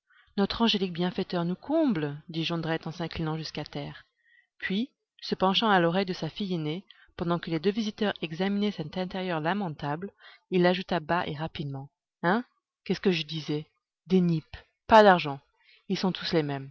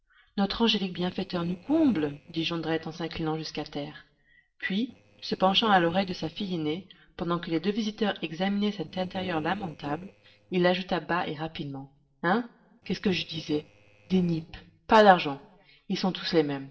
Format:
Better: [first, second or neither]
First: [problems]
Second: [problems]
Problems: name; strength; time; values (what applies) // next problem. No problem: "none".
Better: first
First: none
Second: noise reduction (neural separator model SepFormer DNS4)